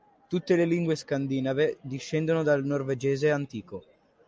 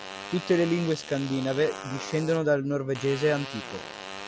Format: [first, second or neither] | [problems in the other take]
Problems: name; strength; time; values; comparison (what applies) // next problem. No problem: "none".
first | background sound (Fart); 12 dB below the speech